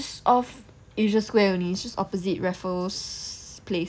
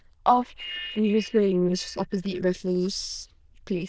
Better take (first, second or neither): first